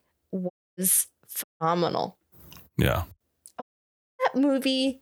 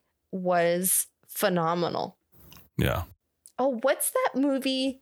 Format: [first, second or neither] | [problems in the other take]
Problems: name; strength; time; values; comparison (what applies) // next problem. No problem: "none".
second | audio cutting out; at 0.5 s, at 1.5 s and at 3.5 s for 0.5 s